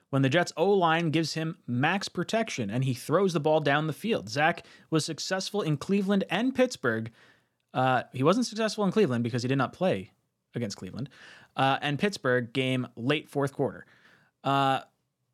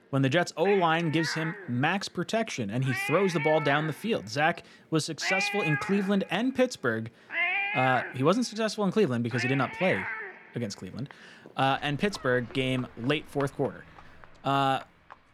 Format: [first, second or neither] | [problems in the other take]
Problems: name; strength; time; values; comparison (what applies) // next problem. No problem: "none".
first | animal sounds; loud; throughout; 4 dB below the speech